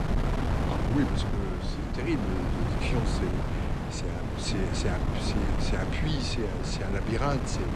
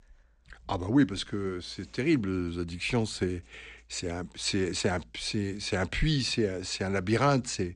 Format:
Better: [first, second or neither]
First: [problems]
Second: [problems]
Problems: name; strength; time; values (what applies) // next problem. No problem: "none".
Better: second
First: wind noise on the microphone; heavy; as loud as the speech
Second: none